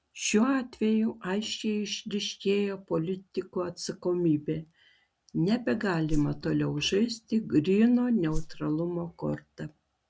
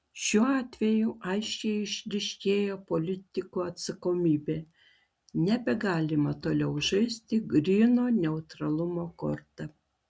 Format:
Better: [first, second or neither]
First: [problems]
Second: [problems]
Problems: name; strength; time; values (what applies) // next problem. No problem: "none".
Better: second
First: background sound (Whoosh, swoosh, swish); 3 dB below the speech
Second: none